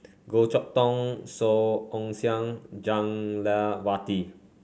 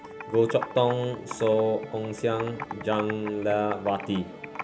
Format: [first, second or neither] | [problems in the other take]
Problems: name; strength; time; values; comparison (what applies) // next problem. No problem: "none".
first | background sound (Computer keyboard + Musical instrument); 11 dB below the speech